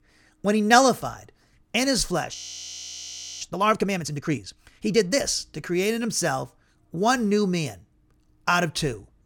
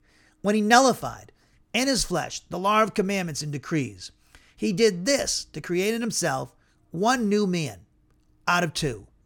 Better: second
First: audio freezing; at 2.5 s for 1 s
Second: none

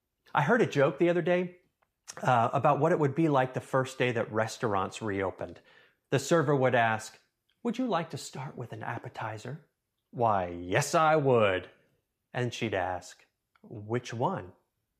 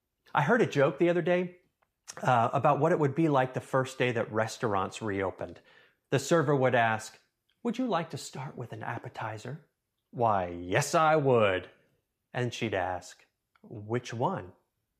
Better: neither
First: none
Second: none

